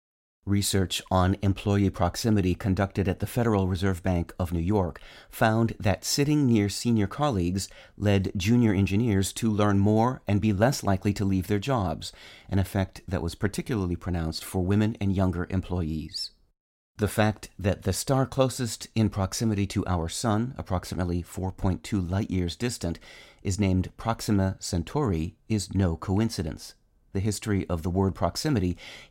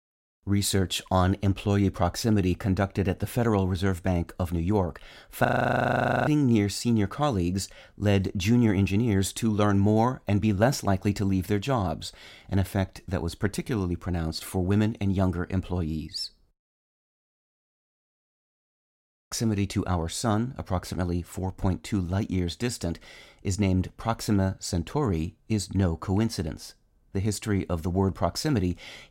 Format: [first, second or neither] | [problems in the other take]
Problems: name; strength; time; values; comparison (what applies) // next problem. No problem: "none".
first | audio freezing; at 5.5 s for 1 s and at 17 s for 2.5 s